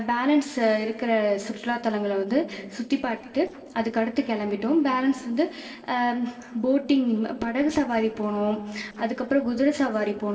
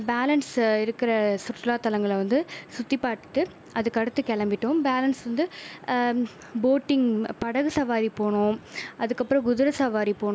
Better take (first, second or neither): second